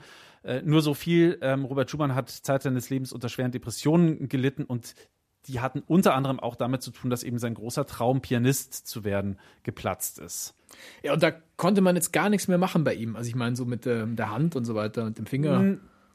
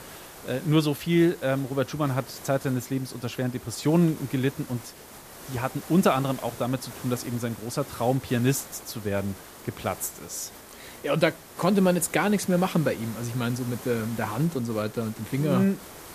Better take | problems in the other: first | hiss; noticeable; throughout; 15 dB below the speech

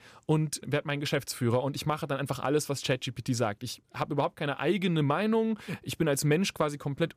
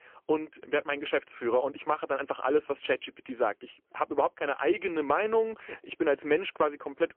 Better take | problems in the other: first | phone-call audio; poor line; nothing above 3 kHz

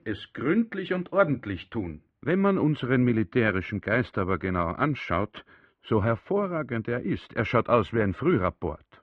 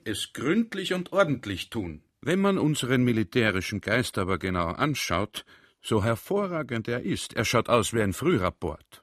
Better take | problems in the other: second | muffled; very; fading above 2 kHz

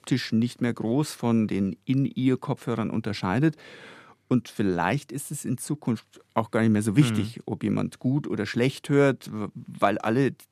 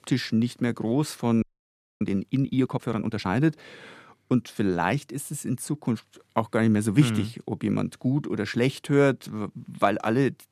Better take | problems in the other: first | audio freezing; at 1.5 s for 0.5 s

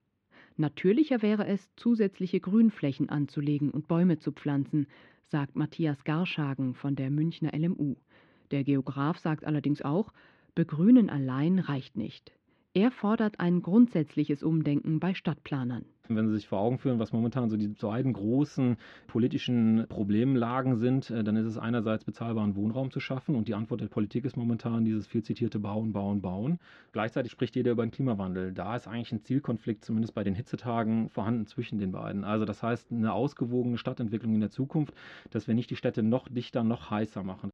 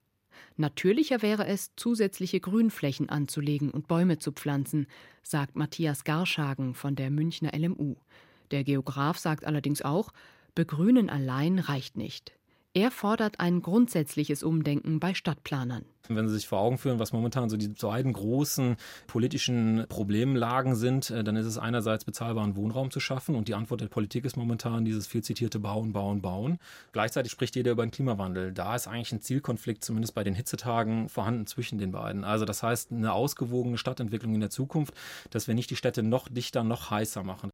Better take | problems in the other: second | muffled; slightly; fading above 3.5 kHz

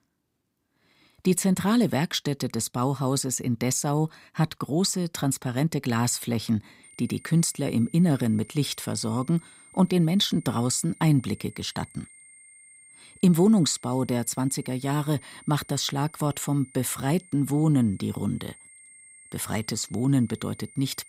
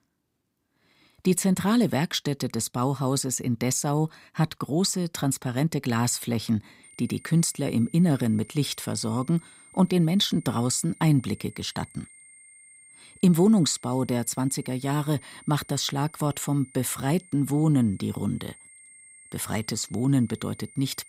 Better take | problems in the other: neither | high-pitched whine; faint; from 7 s on; 9 kHz, 25 dB below the speech; the same in both

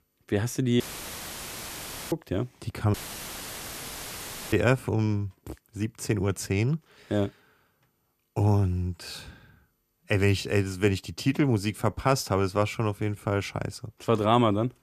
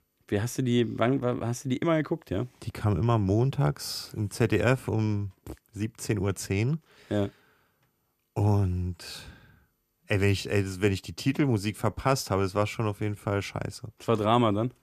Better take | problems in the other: second | audio cutting out; filled with static; at 1 s for 1.5 s and at 3 s for 1.5 s

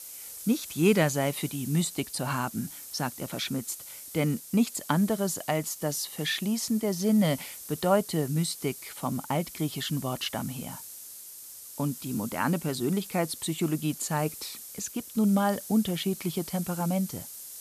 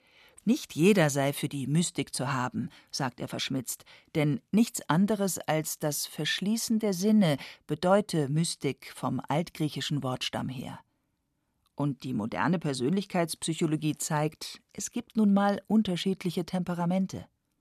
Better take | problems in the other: second | hiss; noticeable; throughout; 10 dB below the speech

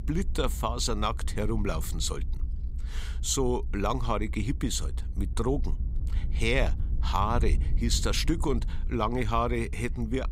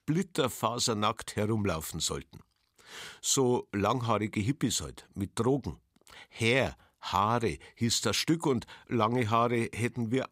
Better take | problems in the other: second | low rumble; faint; throughout; 20 dB below the speech

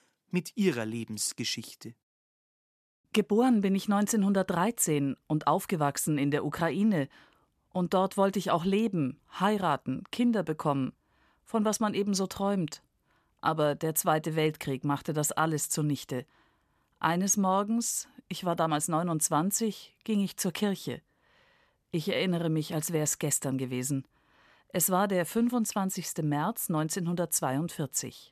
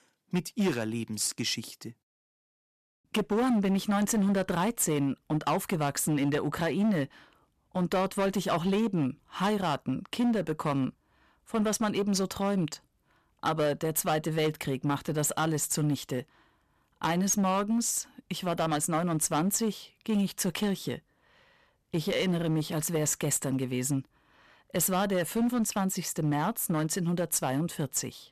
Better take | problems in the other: first | distortion; slight; 9% of the sound clipped

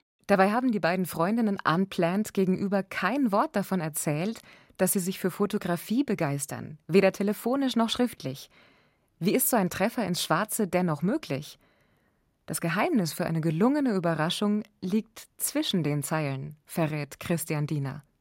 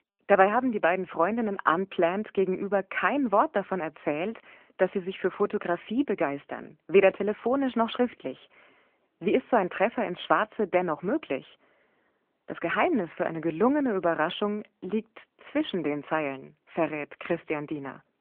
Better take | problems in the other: first | phone-call audio; nothing above 3.5 kHz

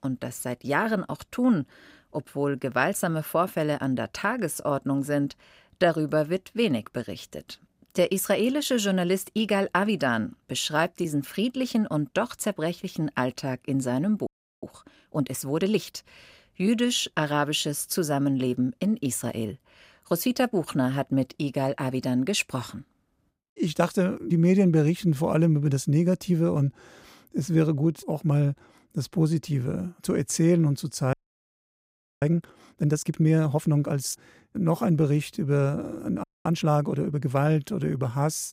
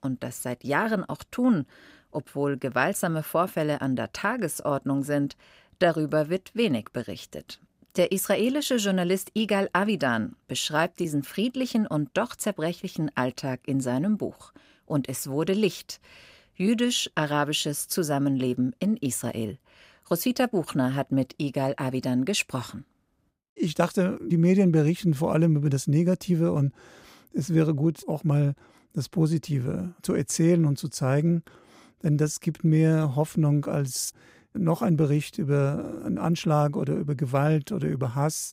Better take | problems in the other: second | audio freezing; at 14 s, at 31 s for 1 s and at 36 s

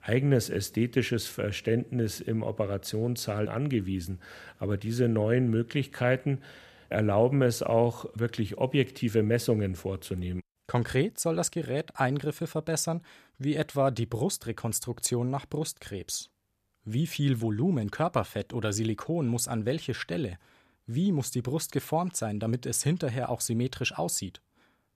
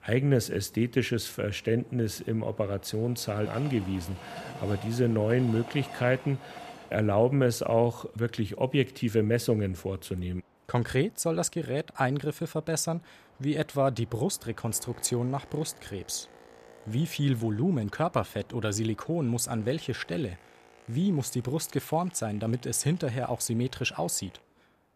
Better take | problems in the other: first | train or aircraft noise; faint; throughout; 20 dB below the speech

